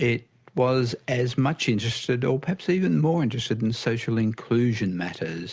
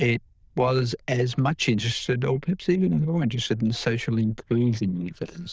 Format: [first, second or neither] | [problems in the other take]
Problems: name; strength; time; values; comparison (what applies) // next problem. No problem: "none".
first | noise reduction (neural diffusion model UNIVERSE++)